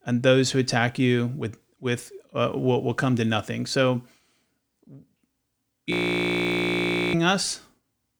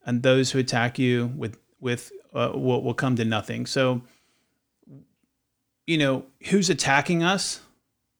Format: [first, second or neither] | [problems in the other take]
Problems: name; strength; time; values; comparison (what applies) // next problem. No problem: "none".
second | audio freezing; at 6 s for 1 s